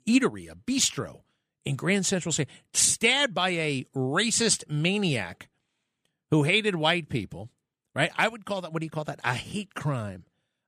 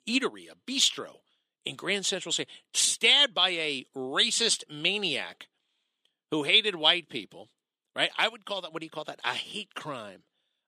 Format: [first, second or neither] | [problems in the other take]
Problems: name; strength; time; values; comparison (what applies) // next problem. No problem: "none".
first | thin; very slightly; fading below 350 Hz